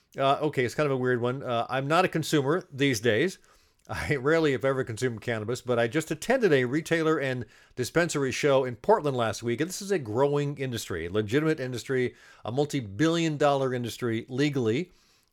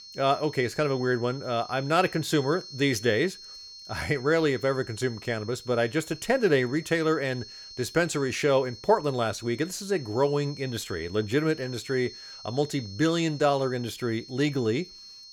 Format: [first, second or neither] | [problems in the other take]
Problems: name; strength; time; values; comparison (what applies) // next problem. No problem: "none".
first | high-pitched whine; noticeable; throughout; 4.5 kHz, 15 dB below the speech